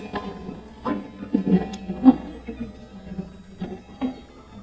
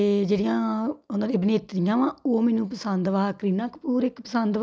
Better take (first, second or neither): second